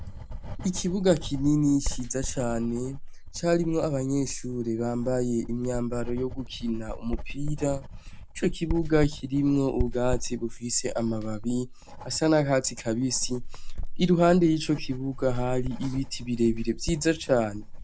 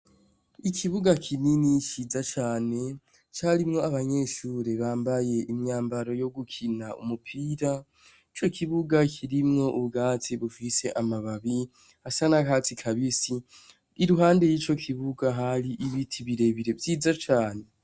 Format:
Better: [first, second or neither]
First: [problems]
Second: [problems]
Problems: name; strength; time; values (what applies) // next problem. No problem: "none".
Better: second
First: background sound (Writing); 6 dB below the speech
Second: none